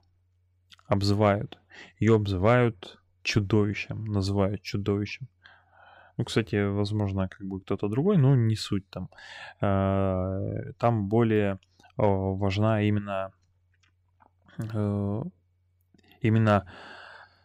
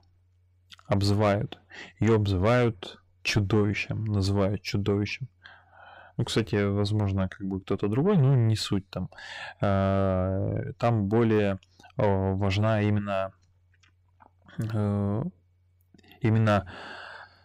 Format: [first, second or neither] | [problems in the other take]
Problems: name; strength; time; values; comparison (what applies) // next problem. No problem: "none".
first | distortion; slight; 9 dB below the speech